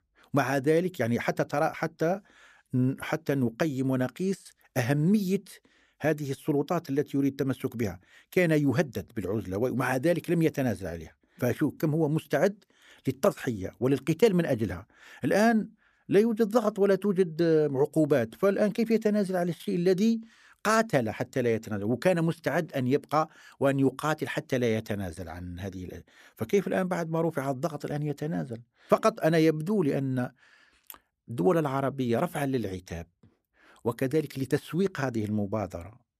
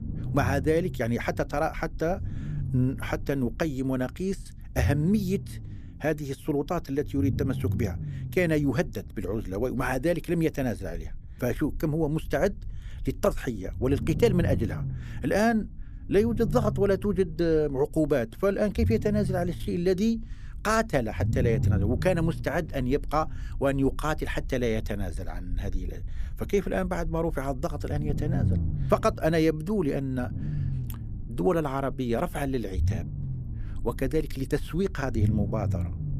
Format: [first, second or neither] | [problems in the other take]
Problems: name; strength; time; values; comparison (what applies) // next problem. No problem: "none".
first | low rumble; noticeable; throughout; 15 dB below the speech